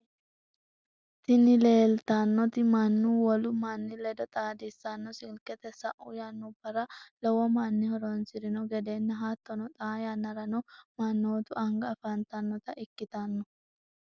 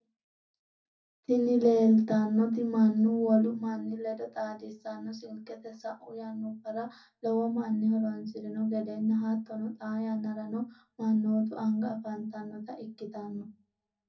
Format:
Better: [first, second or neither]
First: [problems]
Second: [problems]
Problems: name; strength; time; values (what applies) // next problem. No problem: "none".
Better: first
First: none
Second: room echo; dies away in 0.3 s